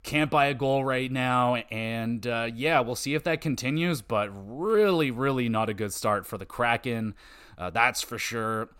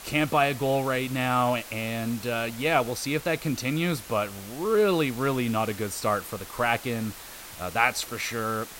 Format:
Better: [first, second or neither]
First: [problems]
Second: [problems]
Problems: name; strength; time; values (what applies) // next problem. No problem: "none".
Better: first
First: none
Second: hiss; noticeable; throughout; 15 dB below the speech